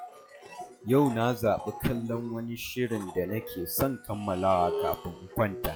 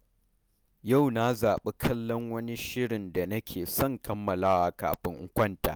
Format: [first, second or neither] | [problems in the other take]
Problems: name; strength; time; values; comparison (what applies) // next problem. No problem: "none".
second | noise reduction (classical method log-MMSE)